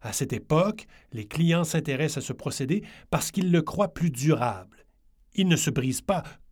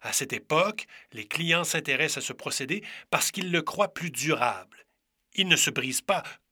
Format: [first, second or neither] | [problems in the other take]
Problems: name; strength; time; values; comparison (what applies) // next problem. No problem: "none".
first | thin; somewhat; fading below 800 Hz